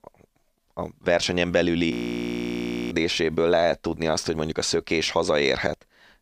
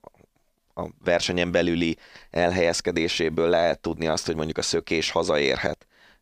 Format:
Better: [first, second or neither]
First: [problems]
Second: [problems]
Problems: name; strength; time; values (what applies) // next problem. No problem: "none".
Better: second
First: audio freezing; at 2 s for 1 s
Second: none